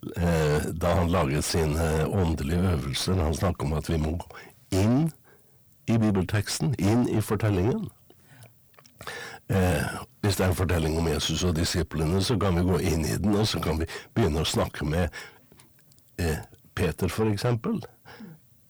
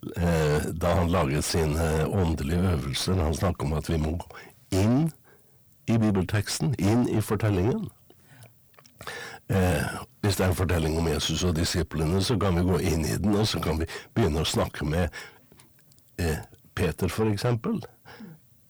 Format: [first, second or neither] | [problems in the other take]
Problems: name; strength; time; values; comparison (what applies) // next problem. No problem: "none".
neither | distortion; heavy; 7 dB below the speech; the same in both